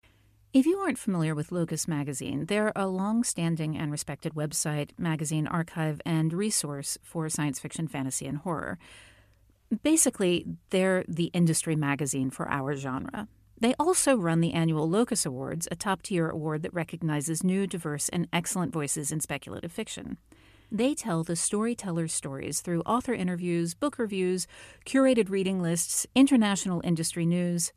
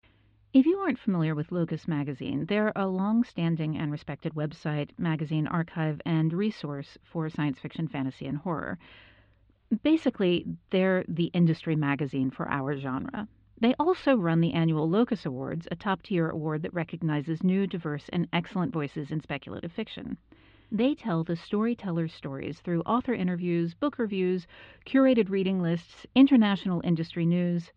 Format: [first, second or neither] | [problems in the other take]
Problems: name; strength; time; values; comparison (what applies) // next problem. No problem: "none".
first | muffled; very; fading above 4 kHz